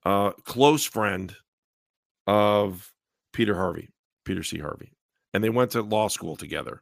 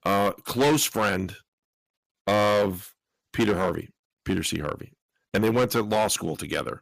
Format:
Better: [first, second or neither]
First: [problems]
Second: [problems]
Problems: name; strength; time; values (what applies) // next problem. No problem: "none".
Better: first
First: none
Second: distortion; heavy; 7% of the sound clipped